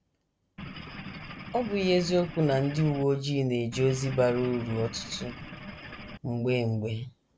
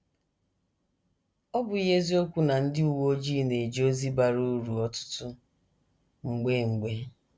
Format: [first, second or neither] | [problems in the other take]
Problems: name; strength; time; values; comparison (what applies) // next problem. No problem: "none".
second | background sound (Engine / Boat, Water vehicle); 12 dB below the speech